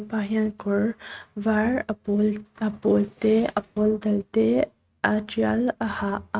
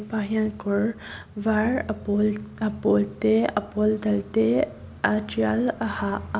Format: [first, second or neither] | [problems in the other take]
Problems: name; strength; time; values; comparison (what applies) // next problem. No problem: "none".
second | noise reduction (neural mask model RNNoise)